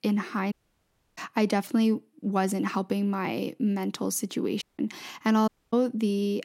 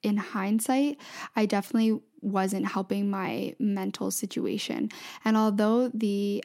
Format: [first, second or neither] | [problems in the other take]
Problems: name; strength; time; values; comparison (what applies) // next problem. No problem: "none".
second | audio cutting out; at 0.5 s for 0.5 s, at 4.5 s and at 5.5 s